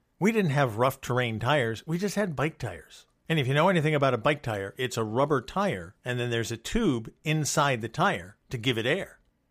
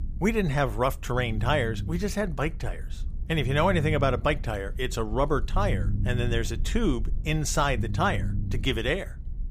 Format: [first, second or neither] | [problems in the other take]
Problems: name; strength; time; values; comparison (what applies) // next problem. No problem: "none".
first | low rumble; noticeable; throughout; 20 dB below the speech